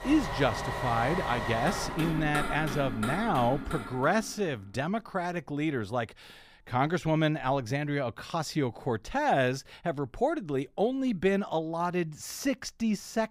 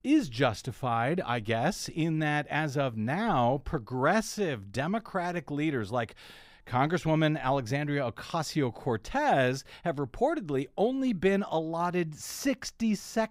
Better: second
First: traffic noise; loud; until 3.5 s; 5 dB below the speech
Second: none

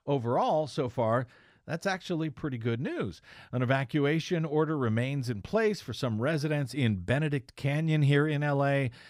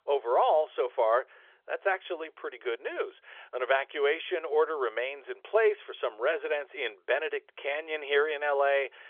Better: first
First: none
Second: phone-call audio; nothing above 3.5 kHz

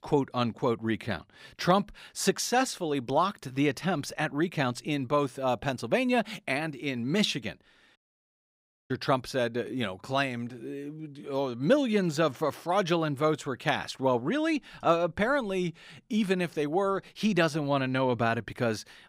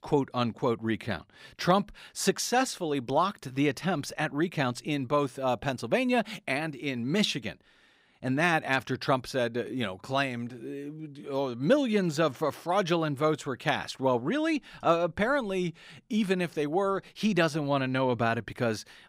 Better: second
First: audio cutting out; at 8 s for 1 s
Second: none

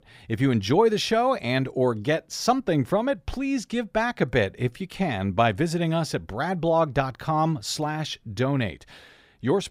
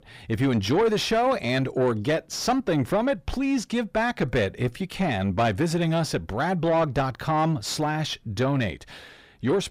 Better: first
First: none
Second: distortion; slight; 10 dB below the speech

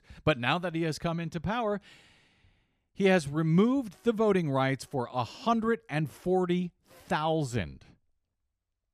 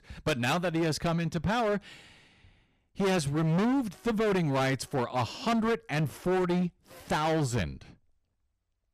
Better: first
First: none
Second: distortion; heavy; 18% of the sound clipped

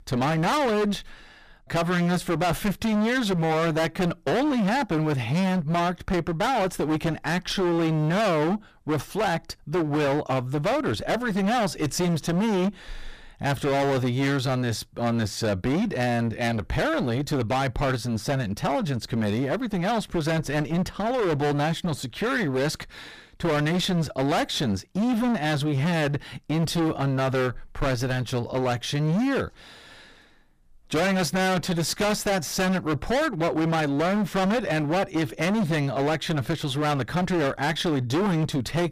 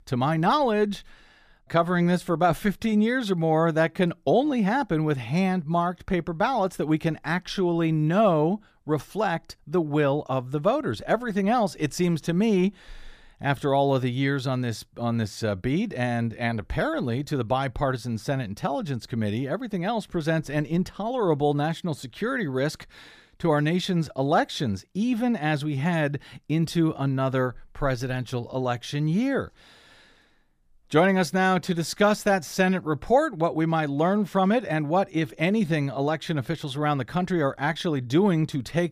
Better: second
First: distortion; heavy; 28% of the sound clipped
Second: none

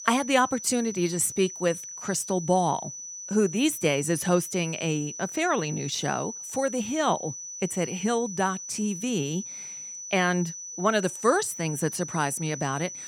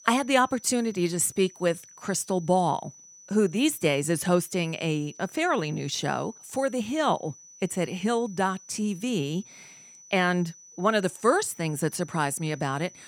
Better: second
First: high-pitched whine; loud; throughout; 6 kHz, 9 dB below the speech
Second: high-pitched whine; faint; throughout; 6 kHz, 20 dB below the speech

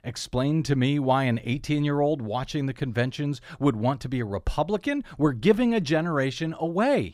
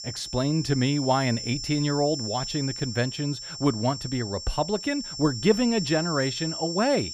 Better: first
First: none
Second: high-pitched whine; loud; throughout; 5.5 kHz, 7 dB below the speech

